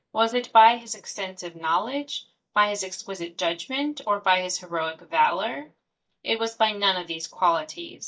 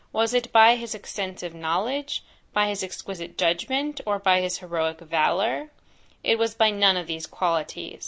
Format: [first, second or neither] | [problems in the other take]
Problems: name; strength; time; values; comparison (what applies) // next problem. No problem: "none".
second | noise reduction (neural mask model DeepFilterNet 3)